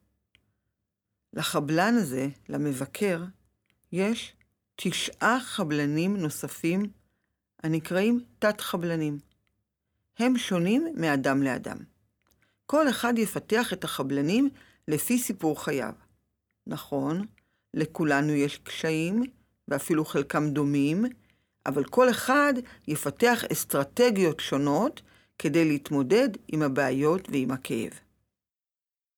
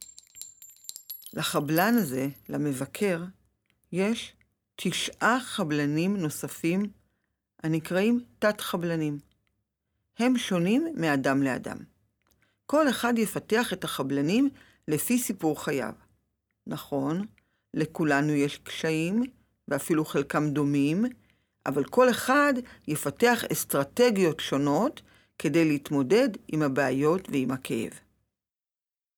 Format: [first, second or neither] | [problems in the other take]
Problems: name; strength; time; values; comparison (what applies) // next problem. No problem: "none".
first | clattering dishes; noticeable; until 2.5 s; peak 9 dB below the speech